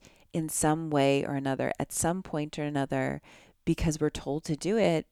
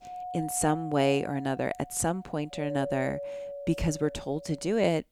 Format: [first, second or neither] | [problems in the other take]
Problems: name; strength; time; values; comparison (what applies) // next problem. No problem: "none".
first | doorbell; noticeable; peak 5 dB below the speech